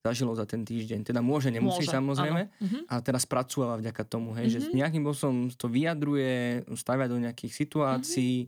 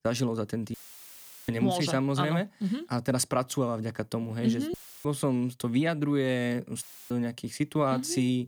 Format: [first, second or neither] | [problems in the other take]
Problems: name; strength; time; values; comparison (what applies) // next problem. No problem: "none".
first | audio cutting out; filled with static; at 0.5 s for 0.5 s, at 4.5 s and at 7 s